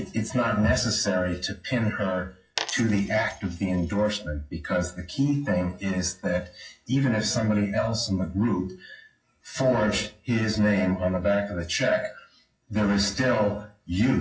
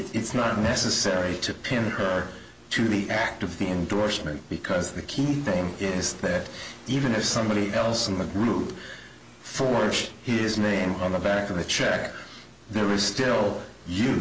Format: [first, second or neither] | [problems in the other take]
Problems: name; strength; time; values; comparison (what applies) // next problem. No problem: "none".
second | noise reduction (classical method WPE with log-MMSE)